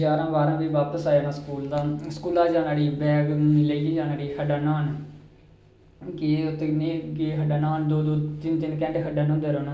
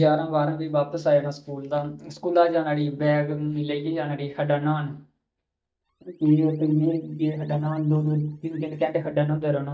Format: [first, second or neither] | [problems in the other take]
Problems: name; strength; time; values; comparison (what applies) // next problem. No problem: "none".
first | noise reduction (neural mask model DeepFilterNet 3)